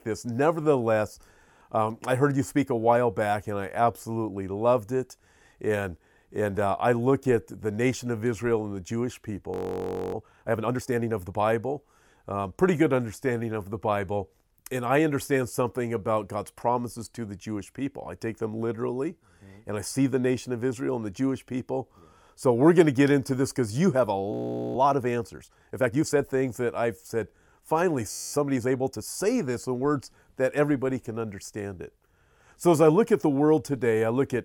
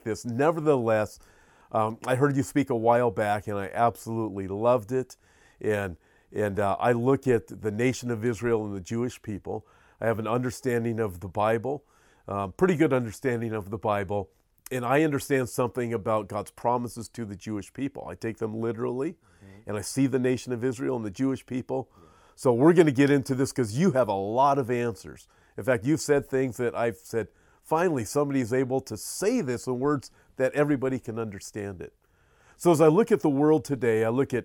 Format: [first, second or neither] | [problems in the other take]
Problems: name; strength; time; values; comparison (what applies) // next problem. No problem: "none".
second | audio freezing; at 9.5 s for 0.5 s, at 24 s and at 28 s